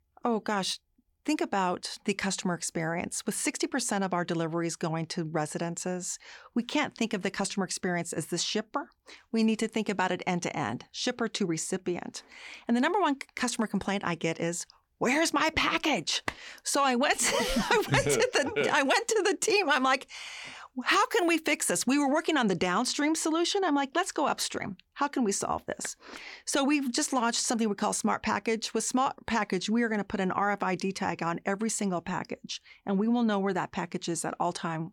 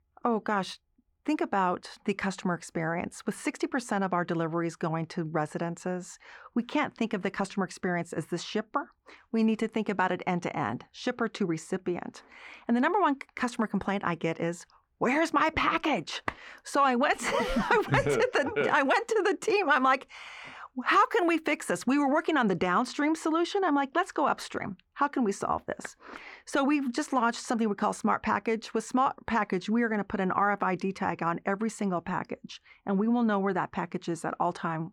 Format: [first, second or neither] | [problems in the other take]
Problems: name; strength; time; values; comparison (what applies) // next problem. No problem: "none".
first | muffled; slightly; fading above 3 kHz